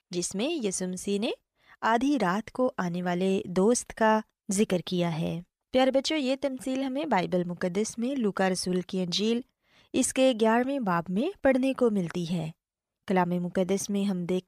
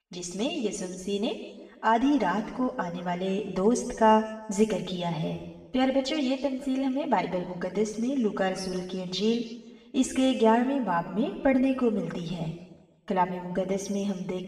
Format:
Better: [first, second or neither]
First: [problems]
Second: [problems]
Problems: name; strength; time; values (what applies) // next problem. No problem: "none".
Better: first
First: none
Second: room echo; noticeable; dies away in 1.3 s // off-mic speech; far